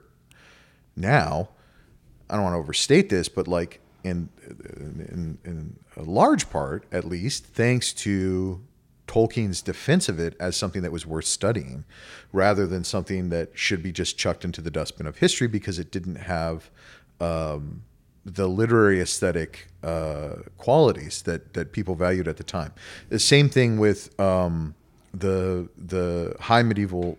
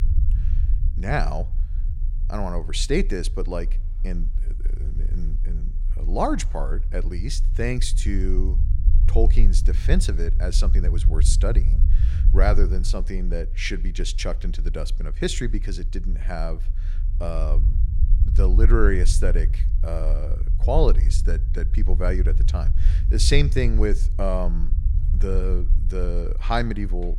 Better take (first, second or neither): first